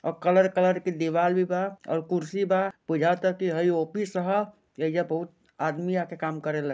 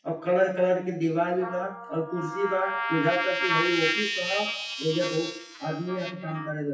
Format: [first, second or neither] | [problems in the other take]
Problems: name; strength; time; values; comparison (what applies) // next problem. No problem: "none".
first | noise reduction (classical method WPE with log-MMSE)